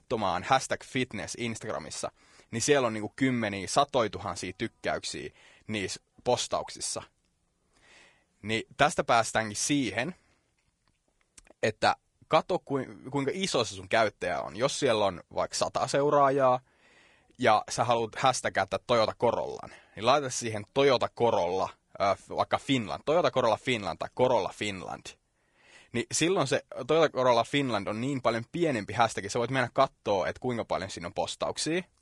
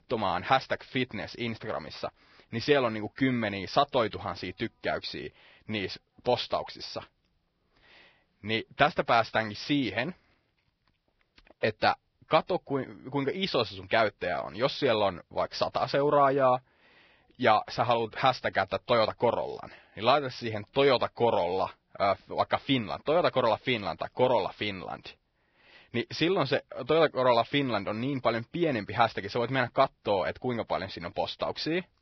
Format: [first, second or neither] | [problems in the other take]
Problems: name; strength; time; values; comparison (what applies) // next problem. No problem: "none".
first | garbled, watery; badly; nothing above 5.5 kHz; slightly in the first